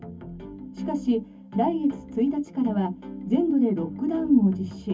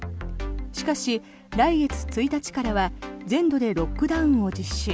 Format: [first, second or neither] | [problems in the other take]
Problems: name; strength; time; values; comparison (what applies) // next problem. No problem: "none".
second | room echo; dies away in 0.3 s